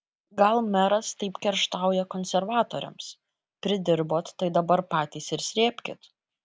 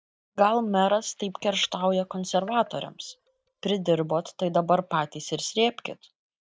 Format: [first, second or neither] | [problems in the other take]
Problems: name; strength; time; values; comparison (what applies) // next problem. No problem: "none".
first | noise reduction (neural mask model DeepFilterNet 3)